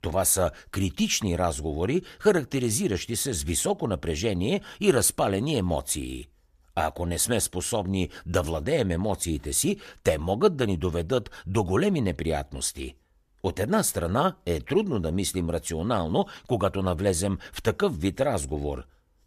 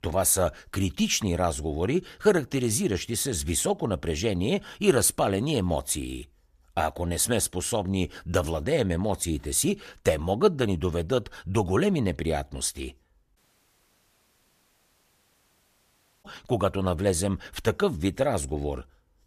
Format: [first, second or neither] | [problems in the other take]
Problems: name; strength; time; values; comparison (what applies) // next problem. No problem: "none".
first | audio cutting out; at 13 s for 3 s